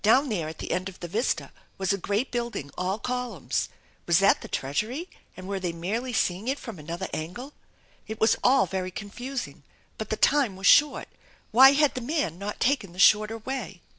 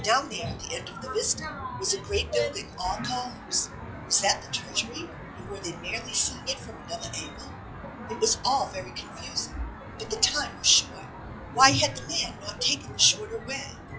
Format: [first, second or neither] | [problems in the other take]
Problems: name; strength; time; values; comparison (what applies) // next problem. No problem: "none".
first | noise reduction (classical method log-MMSE)